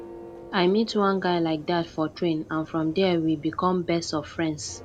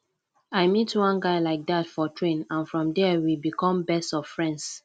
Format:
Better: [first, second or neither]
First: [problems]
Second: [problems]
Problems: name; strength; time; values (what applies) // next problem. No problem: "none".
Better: second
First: background sound (Church bell); 20 dB below the speech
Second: none